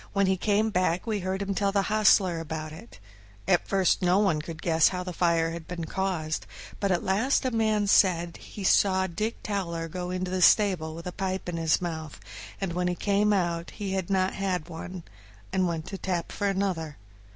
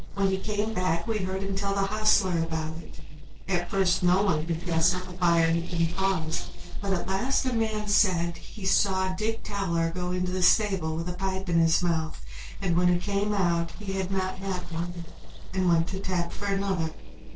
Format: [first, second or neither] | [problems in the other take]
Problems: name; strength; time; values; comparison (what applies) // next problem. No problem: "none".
first | noise reduction (neural separator model SepFormer DNS4)